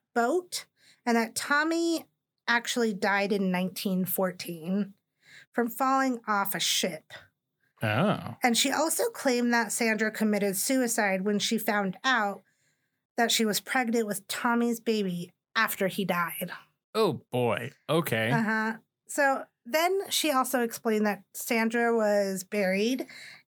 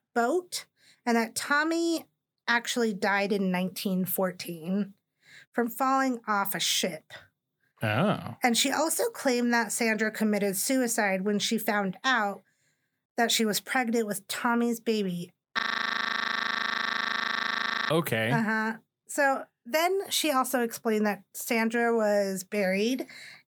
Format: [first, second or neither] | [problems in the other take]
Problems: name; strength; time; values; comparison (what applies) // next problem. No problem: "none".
first | audio freezing; at 16 s for 2.5 s